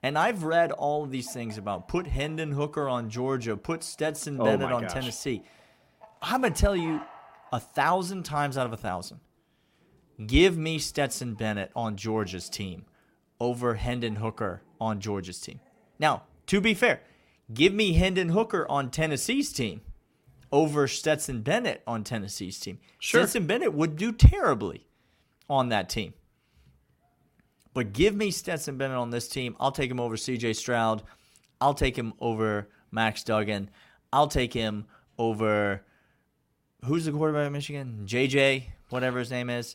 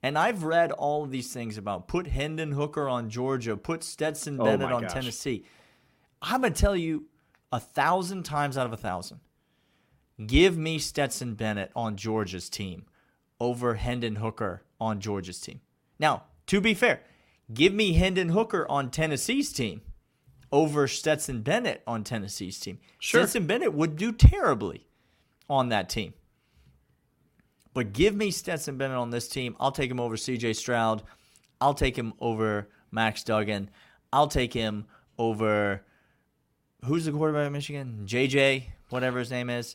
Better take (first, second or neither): second